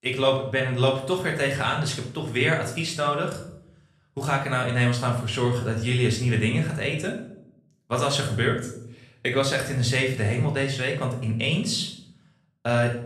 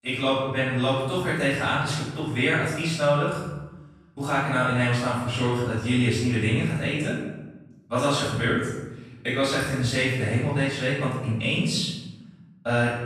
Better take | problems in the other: first | room echo; strong; dies away in 1 s; slight in the first // off-mic speech; far; somewhat distant in the first

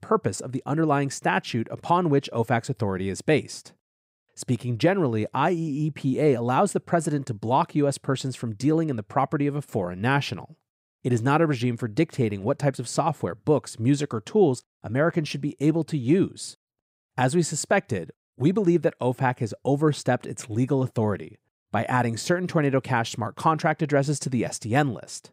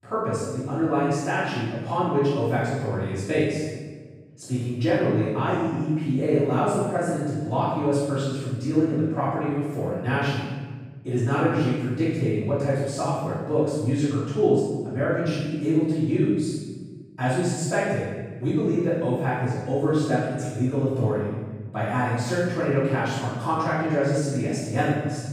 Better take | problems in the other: first | off-mic speech; far // room echo; strong; dies away in 1.3 s

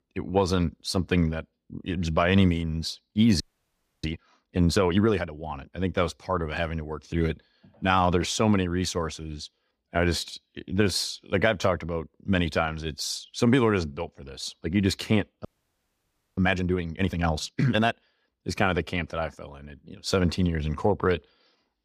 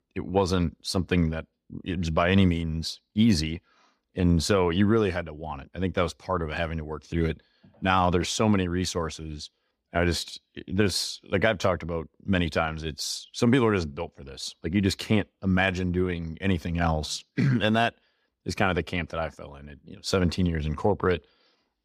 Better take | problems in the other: second | audio freezing; at 3.5 s for 0.5 s and at 15 s for 1 s

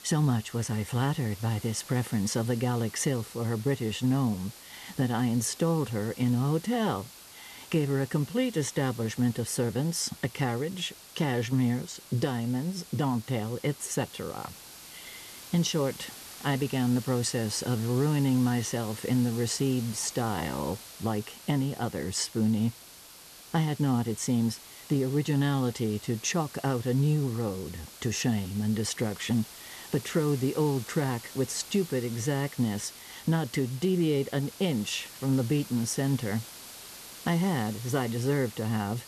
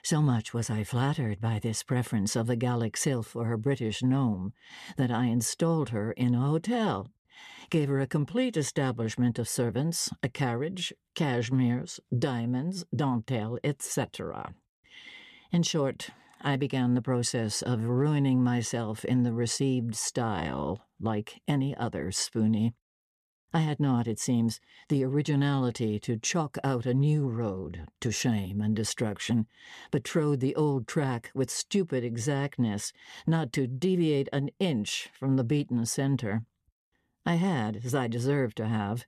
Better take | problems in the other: second | hiss; noticeable; throughout; 15 dB below the speech

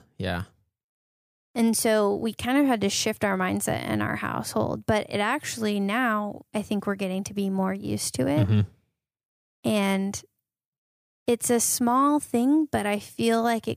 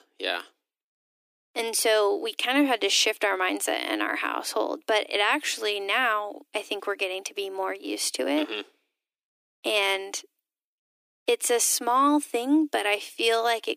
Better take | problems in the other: first | thin; somewhat; fading below 300 Hz

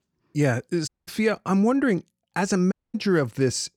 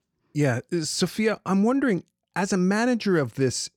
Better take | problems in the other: second | audio cutting out; at 1 s and at 2.5 s

